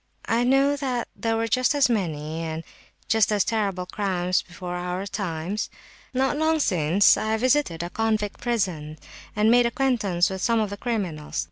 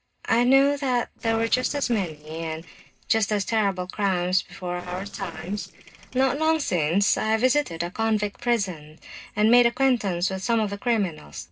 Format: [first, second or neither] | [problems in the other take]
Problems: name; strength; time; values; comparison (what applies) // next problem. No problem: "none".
first | noise reduction (neural separator model SepFormer DNS4)